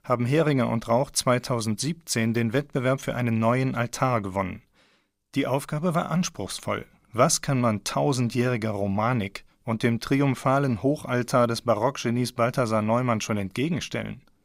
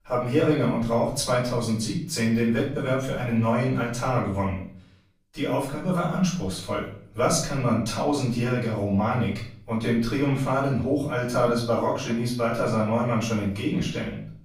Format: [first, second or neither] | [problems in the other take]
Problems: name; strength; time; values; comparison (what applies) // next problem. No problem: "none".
first | room echo; noticeable; dies away in 0.5 s // off-mic speech; far